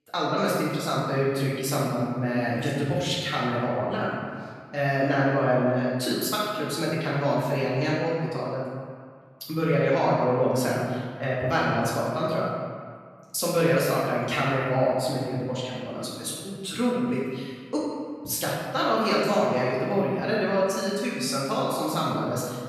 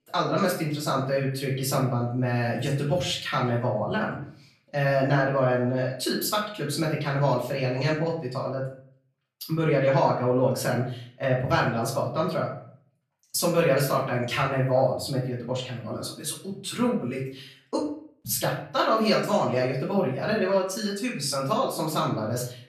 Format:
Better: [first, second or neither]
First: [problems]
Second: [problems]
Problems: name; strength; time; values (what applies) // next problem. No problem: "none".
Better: second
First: room echo; strong; dies away in 1.7 s // off-mic speech; far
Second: room echo; slight; dies away in 0.5 s // off-mic speech; far